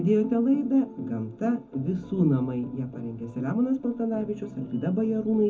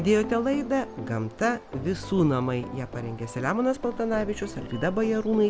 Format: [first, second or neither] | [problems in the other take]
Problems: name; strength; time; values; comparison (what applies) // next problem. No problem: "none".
second | room echo; dies away in 0.3 s